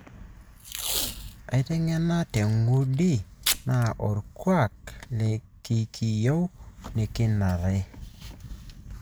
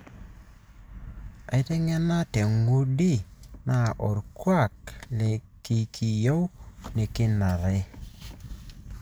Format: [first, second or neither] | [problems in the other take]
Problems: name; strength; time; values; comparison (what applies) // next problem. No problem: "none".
second | background sound (Packing tape, duct tape); 8 dB below the speech